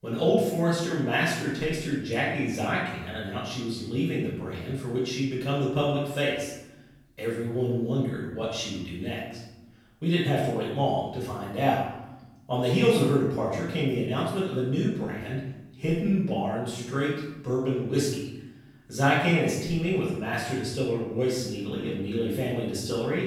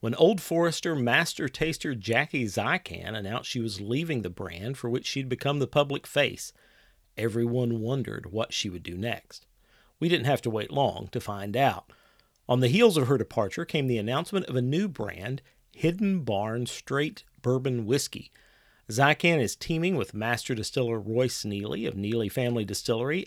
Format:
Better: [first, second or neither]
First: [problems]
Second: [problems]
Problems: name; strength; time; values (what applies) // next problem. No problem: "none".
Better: second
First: room echo; noticeable; dies away in 0.8 s // off-mic speech; far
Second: none